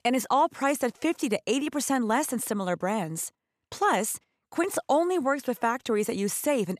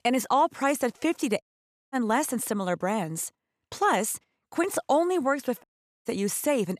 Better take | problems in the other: first | audio cutting out; at 1.5 s for 0.5 s and at 5.5 s

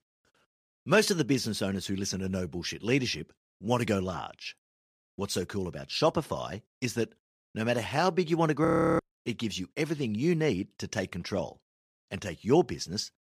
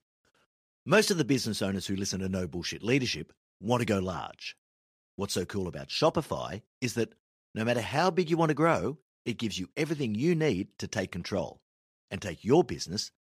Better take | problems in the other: second | audio freezing; at 8.5 s

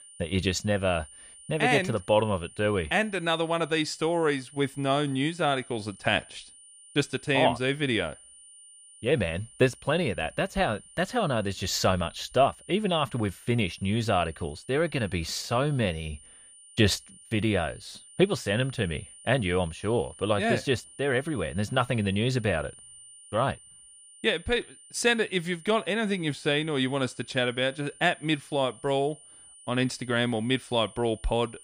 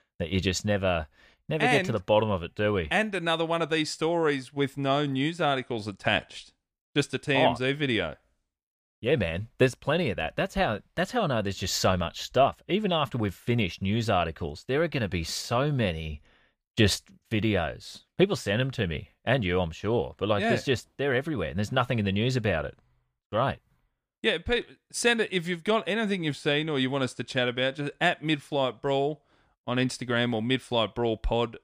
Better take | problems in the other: second | high-pitched whine; faint; throughout; 9 kHz, 20 dB below the speech

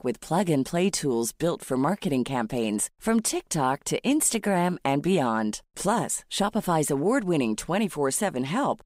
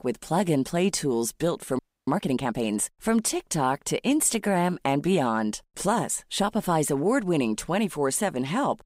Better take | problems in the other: first | audio freezing; at 2 s

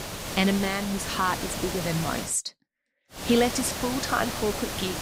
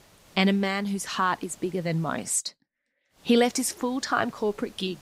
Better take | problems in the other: second | hiss; loud; until 2.5 s and from 3 s on; 5 dB below the speech; faint in the second

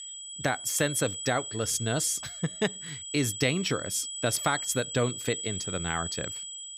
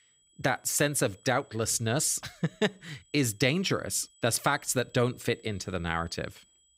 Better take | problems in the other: second | high-pitched whine; loud; throughout; 8 kHz, 6 dB below the speech; faint in the second

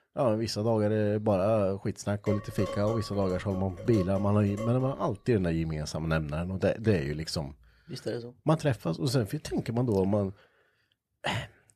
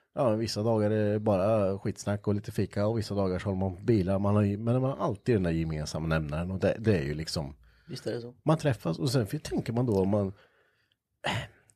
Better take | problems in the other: second | clattering dishes; noticeable; from 2.5 to 5 s; peak 8 dB below the speech

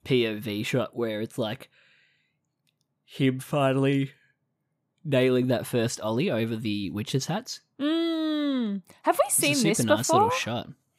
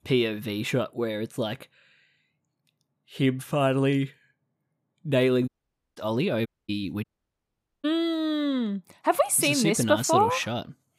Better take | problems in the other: first | audio cutting out; at 5.5 s, at 6.5 s and at 7 s for 1 s

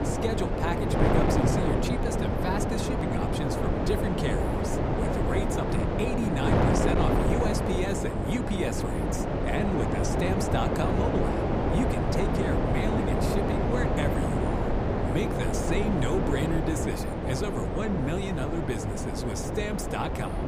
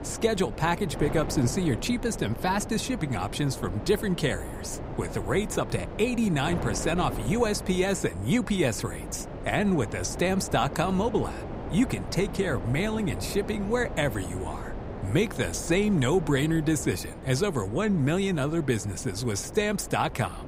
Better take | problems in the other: second | wind noise on the microphone; heavy; 4 dB above the speech; occasional gusts in the second

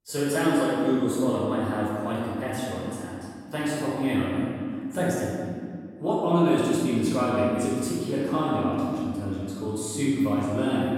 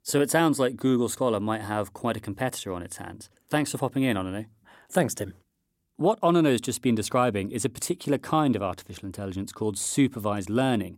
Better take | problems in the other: second | room echo; strong; dies away in 2.2 s // off-mic speech; far

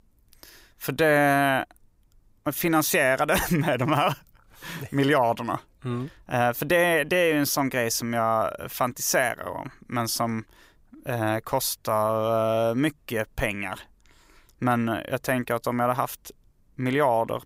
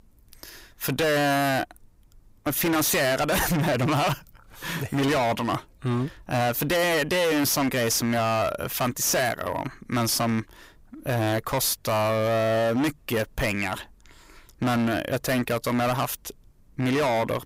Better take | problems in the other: first | distortion; heavy; 22% of the sound clipped

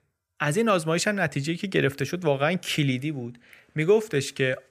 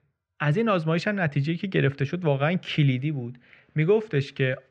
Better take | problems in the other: first | muffled; slightly; fading above 3.5 kHz

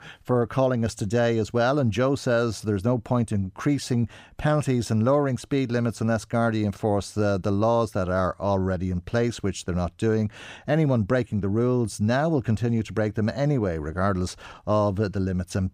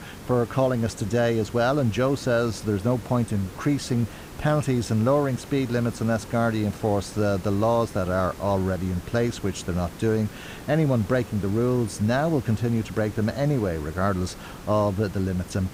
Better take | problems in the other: first | hiss; noticeable; throughout; 15 dB below the speech

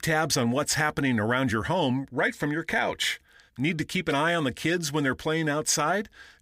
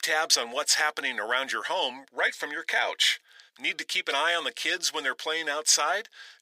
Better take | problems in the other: first | thin; very; fading below 500 Hz

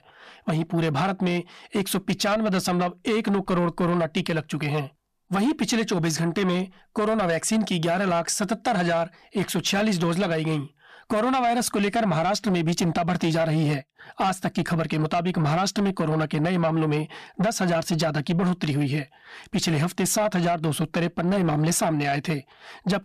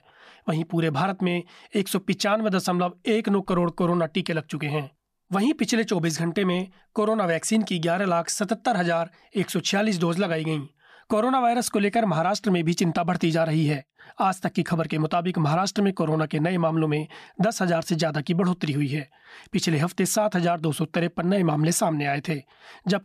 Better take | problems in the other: second | distortion; slight; 10 dB below the speech

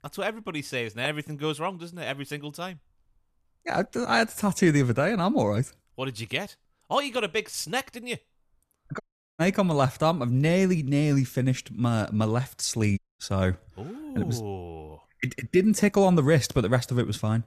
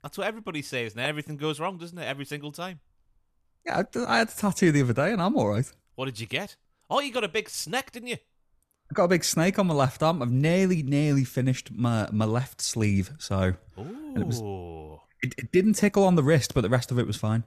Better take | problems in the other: second | audio cutting out; at 9 s and at 13 s

